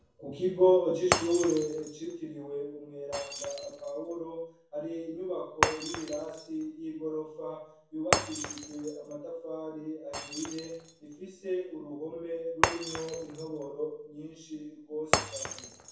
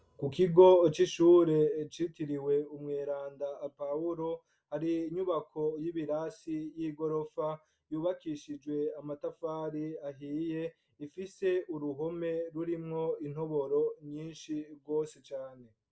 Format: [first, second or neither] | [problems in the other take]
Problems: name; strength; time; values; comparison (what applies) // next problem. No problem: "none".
second | background sound (Shatter); 3 dB below the speech // room echo; dies away in 0.6 s